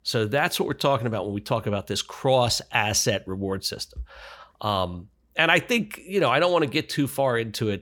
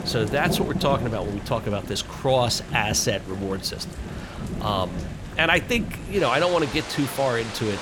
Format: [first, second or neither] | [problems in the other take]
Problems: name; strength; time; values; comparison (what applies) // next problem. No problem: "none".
first | rain or running water; loud; throughout; 9 dB below the speech